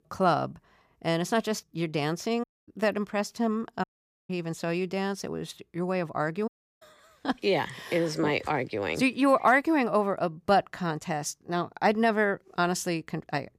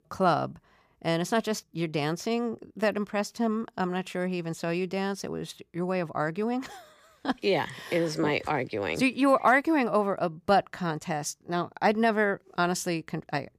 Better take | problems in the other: second | audio cutting out; at 2.5 s, at 4 s and at 6.5 s

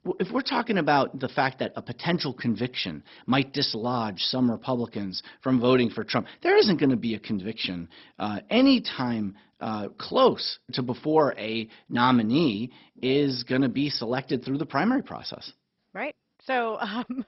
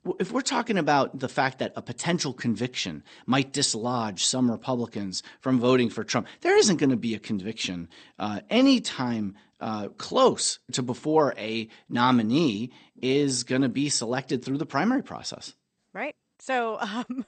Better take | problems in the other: second | garbled, watery; badly; nothing above 5.5 kHz; slightly in the second

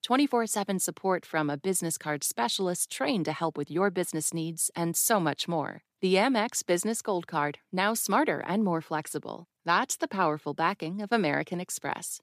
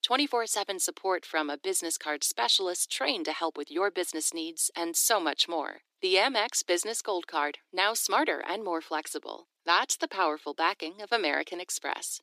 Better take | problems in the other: first | thin; somewhat; fading below 300 Hz

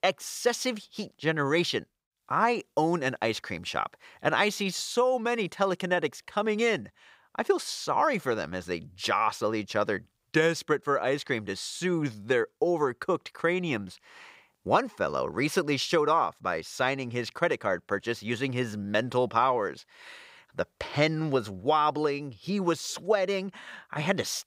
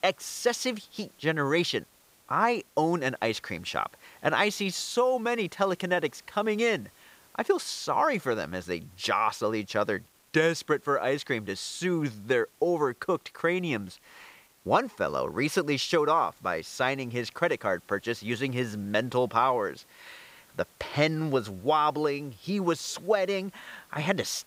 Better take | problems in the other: first | hiss; faint; throughout; 30 dB below the speech

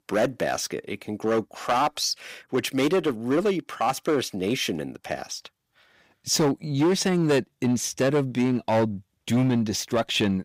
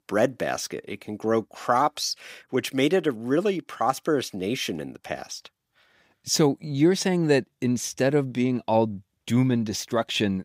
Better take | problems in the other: second | distortion; slight; 8% of the sound clipped

